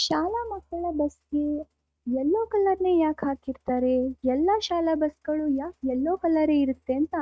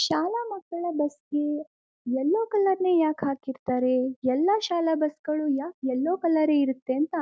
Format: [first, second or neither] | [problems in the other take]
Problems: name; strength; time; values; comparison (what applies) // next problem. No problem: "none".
second | noise reduction (neural mask model RNNoise)